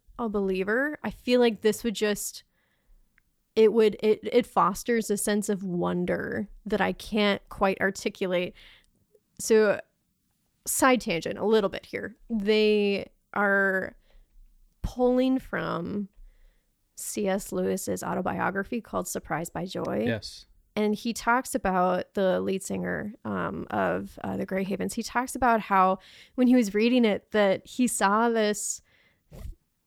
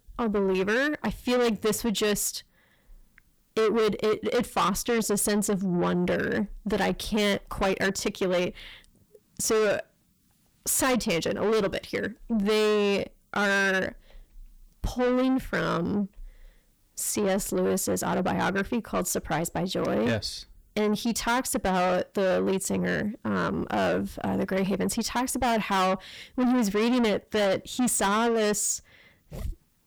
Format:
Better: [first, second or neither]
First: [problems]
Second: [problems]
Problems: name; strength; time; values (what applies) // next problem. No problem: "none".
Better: first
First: none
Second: distortion; heavy; 6 dB below the speech